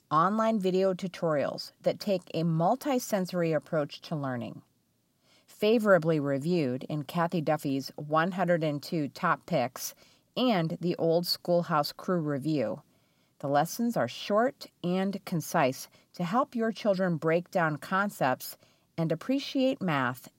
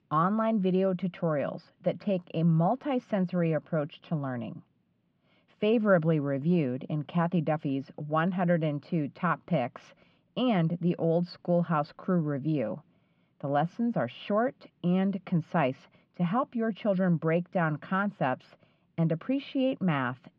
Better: first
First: none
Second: muffled; very; fading above 3 kHz

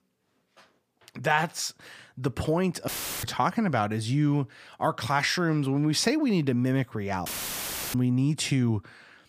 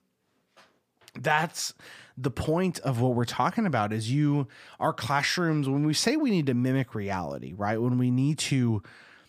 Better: second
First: audio cutting out; filled with static; at 3 s and at 7.5 s for 0.5 s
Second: none

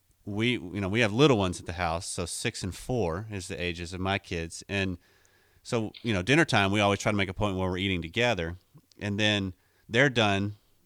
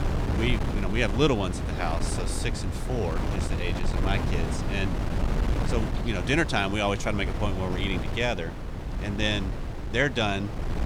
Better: first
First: none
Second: wind noise on the microphone; heavy; 7 dB below the speech

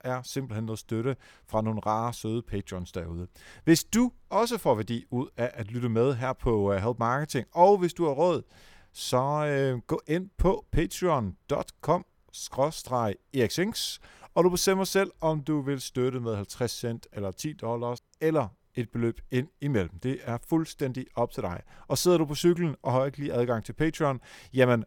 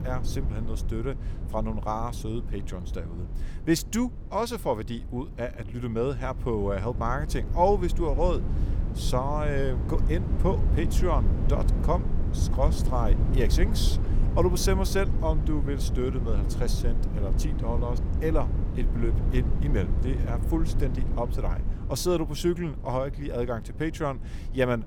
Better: first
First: none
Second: low rumble; noticeable; throughout; 10 dB below the speech

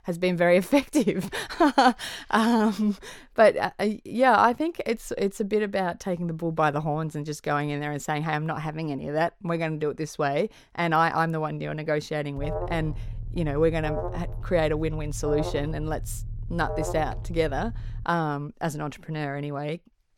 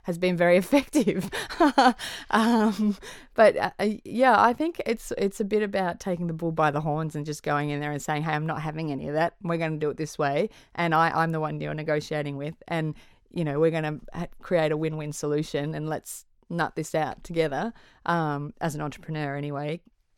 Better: second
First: alarm; noticeable; from 12 to 18 s; peak 6 dB below the speech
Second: none

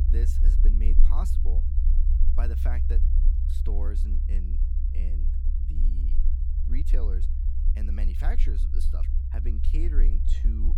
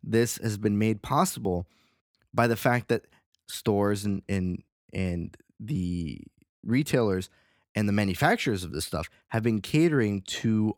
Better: second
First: low rumble; loud; throughout; 3 dB below the speech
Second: none

